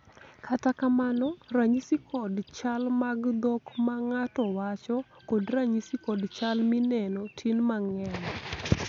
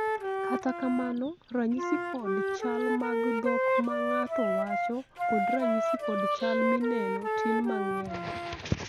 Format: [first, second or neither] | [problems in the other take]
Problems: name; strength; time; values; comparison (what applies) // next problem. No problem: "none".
first | background sound (Wind instrument, woodwind instrument); 2 dB above the speech